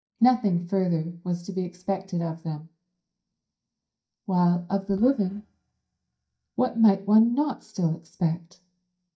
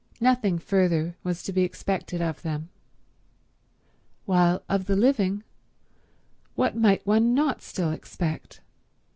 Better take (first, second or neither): second